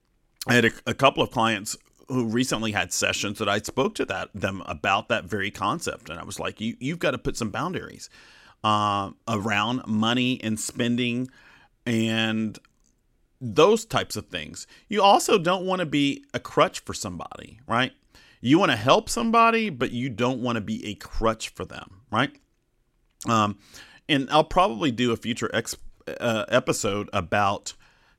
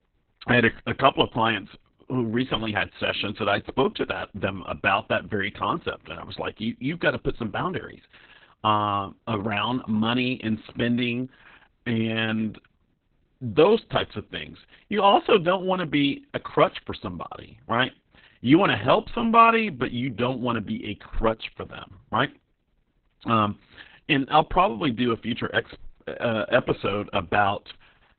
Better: first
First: none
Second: garbled, watery; badly

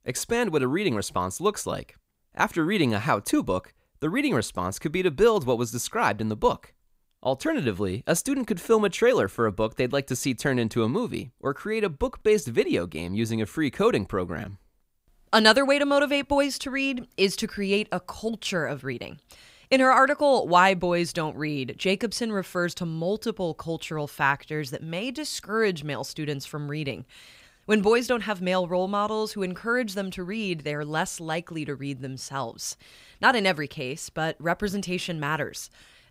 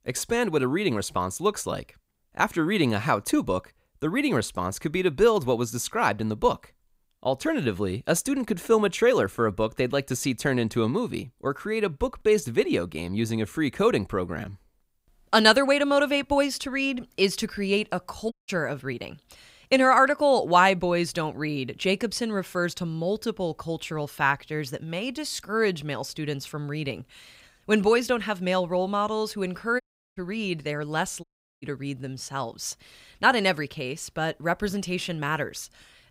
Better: first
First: none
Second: audio cutting out; at 18 s, at 30 s and at 31 s

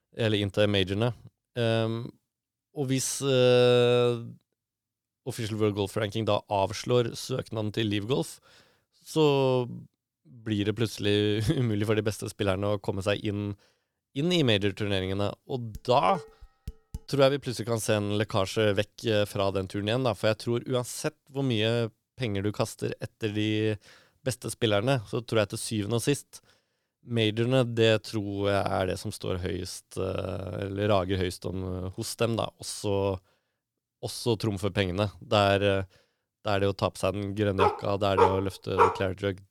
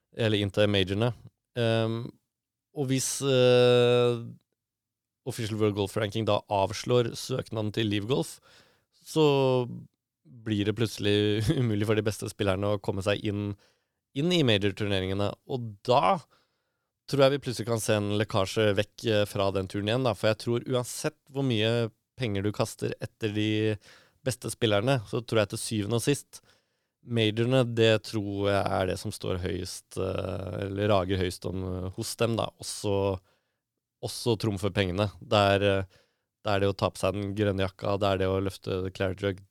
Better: second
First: clattering dishes; faint; from 16 to 17 s; peak 15 dB below the speech // dog barking; loud; from 38 to 39 s; peak 3 dB above the speech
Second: none

